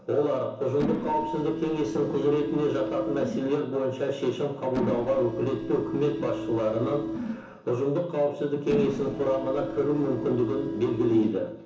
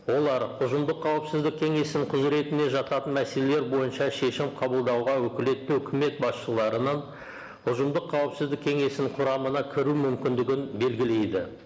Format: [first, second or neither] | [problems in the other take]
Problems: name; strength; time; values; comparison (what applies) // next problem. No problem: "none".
second | background sound (Mechanisms); 8 dB below the speech // room echo; dies away in 0.7 s